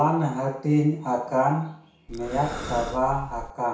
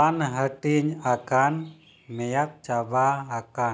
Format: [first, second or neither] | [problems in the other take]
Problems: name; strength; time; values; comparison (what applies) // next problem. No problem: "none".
second | background sound (Breathing); 10 dB below the speech // room echo; dies away in 0.6 s